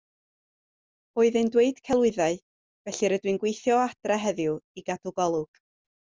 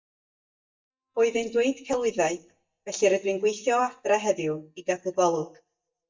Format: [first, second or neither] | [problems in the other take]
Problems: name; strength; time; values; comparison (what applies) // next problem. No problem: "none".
first | noise reduction (neural mask model DeepFilterNet 3)